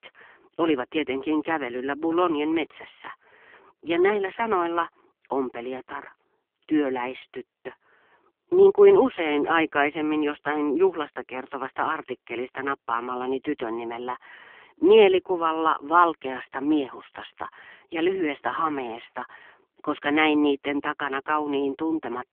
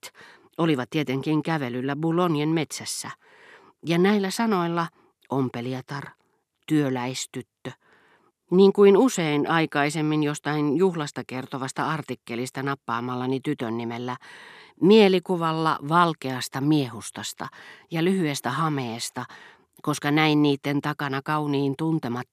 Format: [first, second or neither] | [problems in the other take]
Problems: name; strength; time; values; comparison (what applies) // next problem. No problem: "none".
second | phone-call audio; poor line; nothing above 3.5 kHz